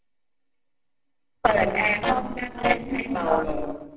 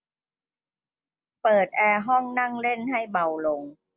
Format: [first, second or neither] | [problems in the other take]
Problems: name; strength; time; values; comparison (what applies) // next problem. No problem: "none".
second | noise reduction (neural separator model SepFormer DNS4)